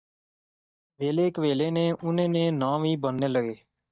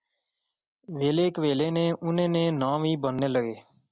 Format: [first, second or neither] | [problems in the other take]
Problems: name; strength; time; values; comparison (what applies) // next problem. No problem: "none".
second | noise reduction (neural mask model DeepFilterNet 3)